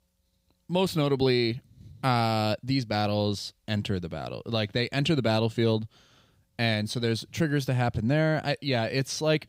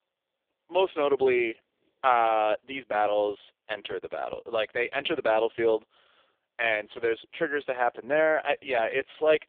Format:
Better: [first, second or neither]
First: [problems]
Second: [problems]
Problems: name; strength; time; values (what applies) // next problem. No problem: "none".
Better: first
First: none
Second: phone-call audio; poor line